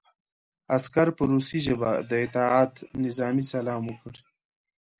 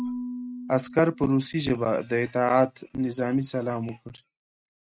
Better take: first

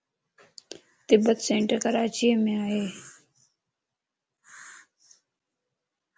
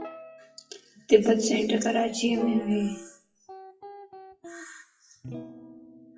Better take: first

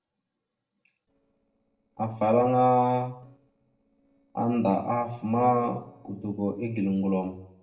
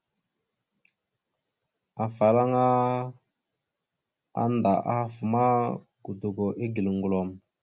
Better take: second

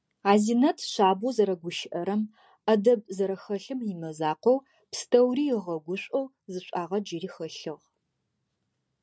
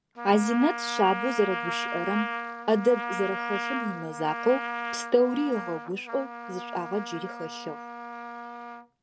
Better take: first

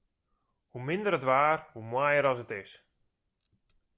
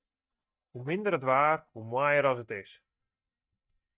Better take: first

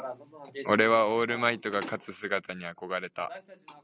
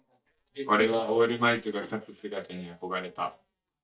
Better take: first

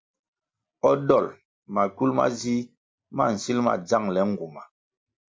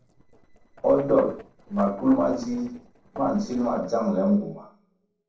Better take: first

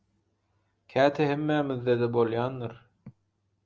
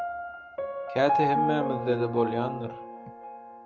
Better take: first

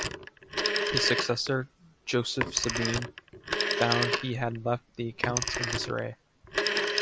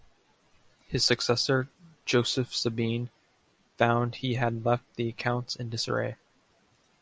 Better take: second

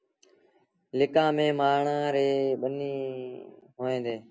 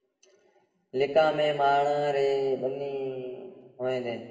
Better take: first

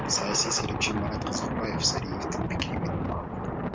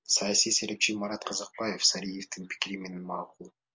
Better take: second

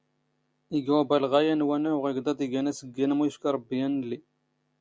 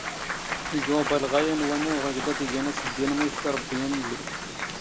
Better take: first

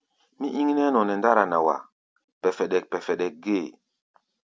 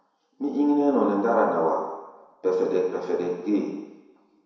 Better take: first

